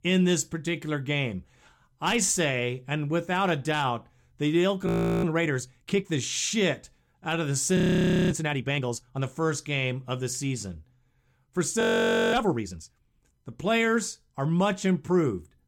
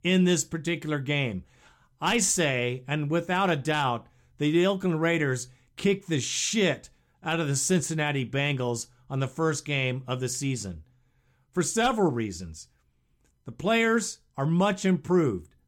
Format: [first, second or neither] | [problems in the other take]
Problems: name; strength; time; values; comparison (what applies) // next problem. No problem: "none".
second | audio freezing; at 5 s, at 8 s for 0.5 s and at 12 s for 0.5 s